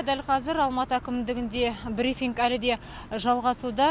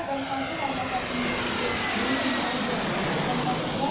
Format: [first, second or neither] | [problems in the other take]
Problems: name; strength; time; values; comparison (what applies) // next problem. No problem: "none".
first | background sound (Aircraft); 3 dB above the speech // room echo; dies away in 0.7 s